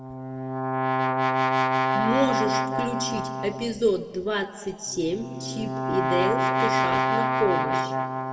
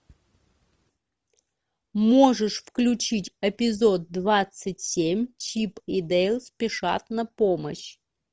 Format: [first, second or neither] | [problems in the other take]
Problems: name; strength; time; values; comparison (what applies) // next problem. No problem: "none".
second | background sound (Brass instrument); 3 dB above the speech // room echo; dies away in 1.8 s